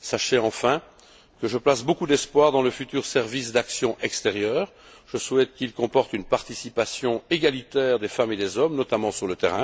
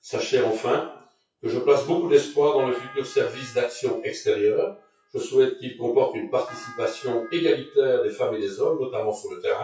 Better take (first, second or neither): first